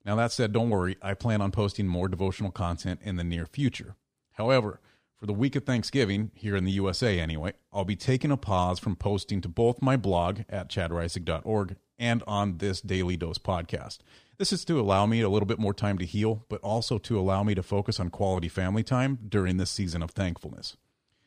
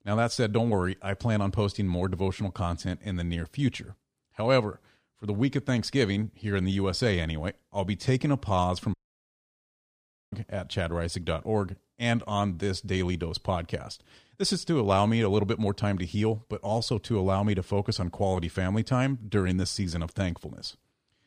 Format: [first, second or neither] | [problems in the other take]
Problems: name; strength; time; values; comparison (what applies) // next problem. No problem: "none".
first | audio cutting out; at 9 s for 1.5 s